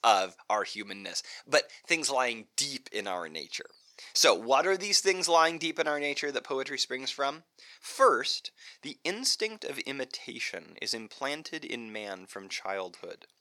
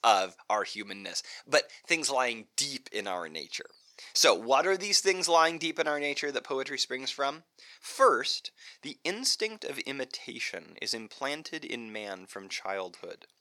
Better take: neither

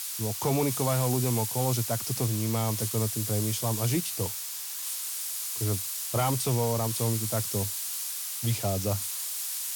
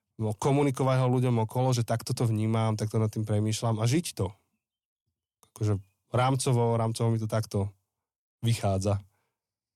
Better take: second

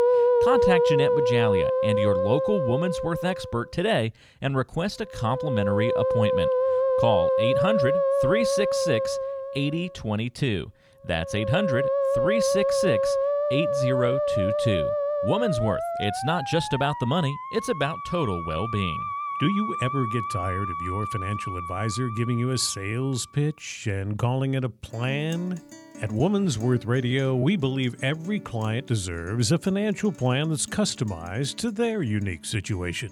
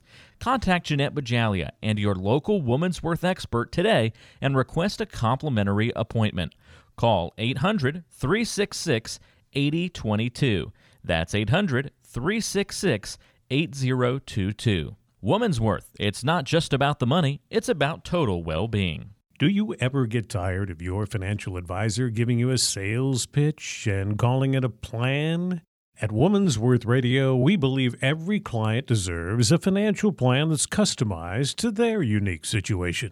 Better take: second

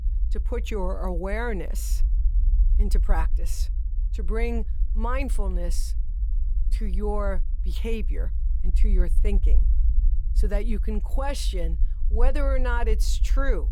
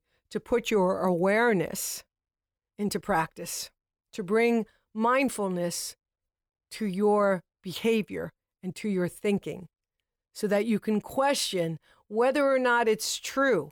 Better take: second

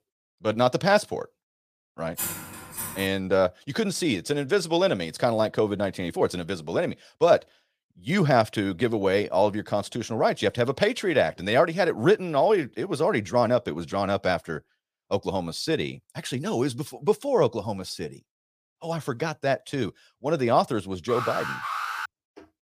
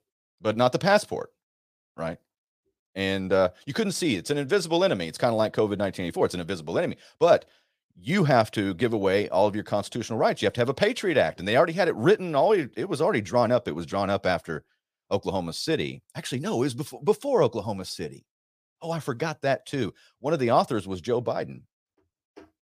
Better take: second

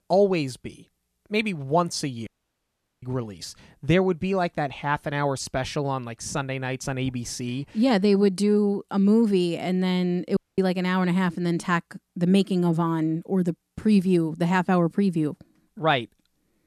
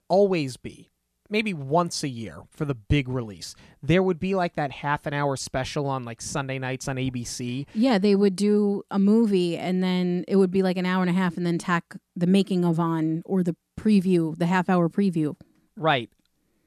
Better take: second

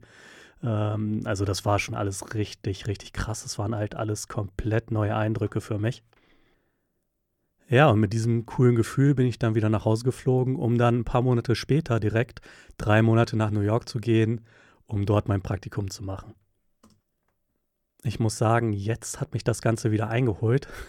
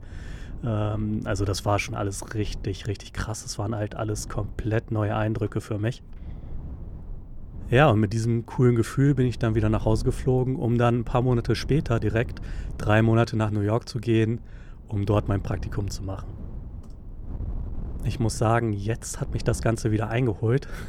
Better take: first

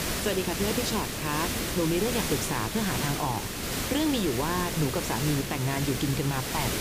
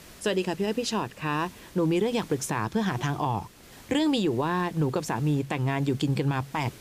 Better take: second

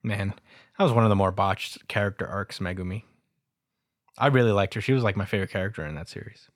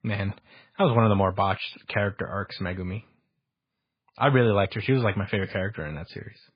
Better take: first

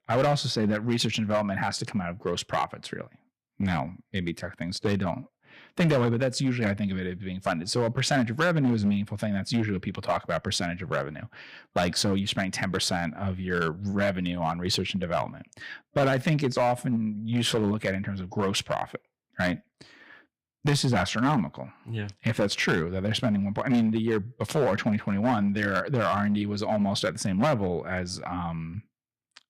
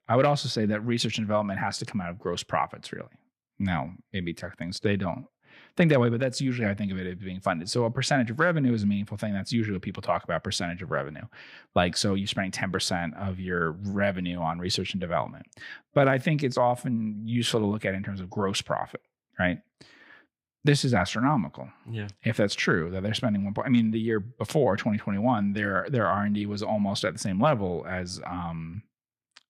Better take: second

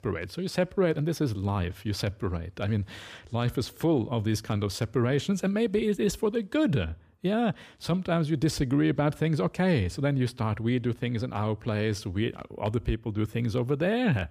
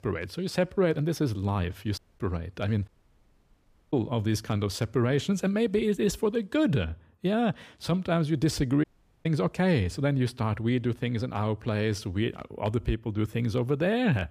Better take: first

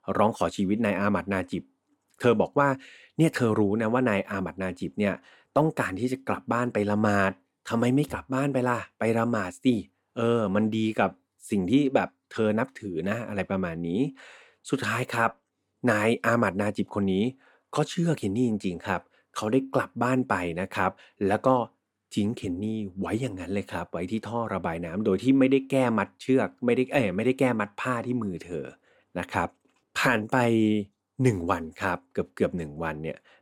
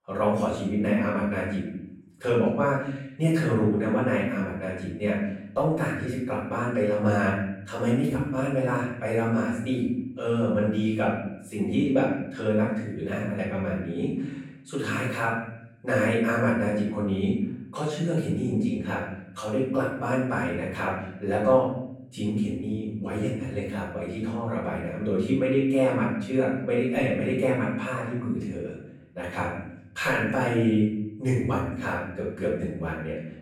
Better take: first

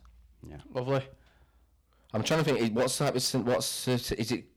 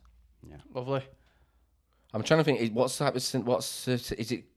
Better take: second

